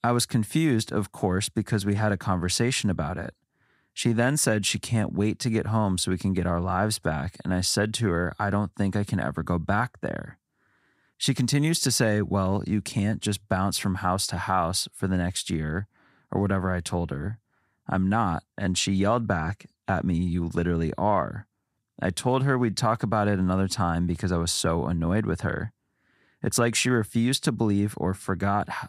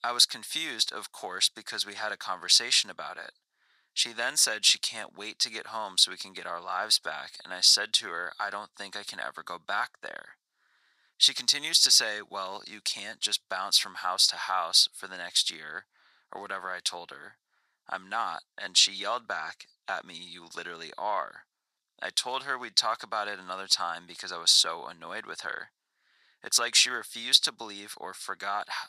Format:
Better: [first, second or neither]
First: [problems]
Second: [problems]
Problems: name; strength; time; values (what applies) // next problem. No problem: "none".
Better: first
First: none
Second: thin; very; fading below 950 Hz